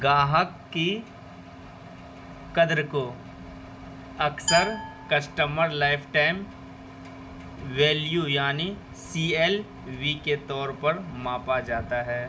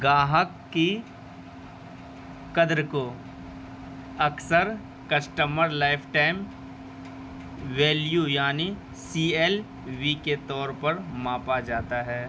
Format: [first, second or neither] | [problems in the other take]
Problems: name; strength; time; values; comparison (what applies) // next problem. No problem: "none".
second | background sound (Glass); 7 dB below the speech // room echo; dies away in 0.3 s